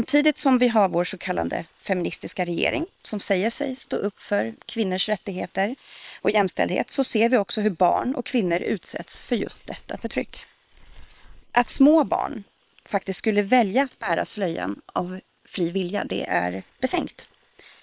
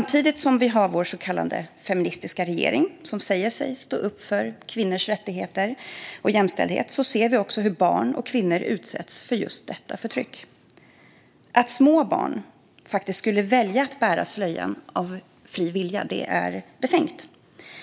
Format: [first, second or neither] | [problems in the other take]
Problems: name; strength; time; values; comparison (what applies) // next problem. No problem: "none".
second | noise reduction (neural separator model SepFormer WHAM!)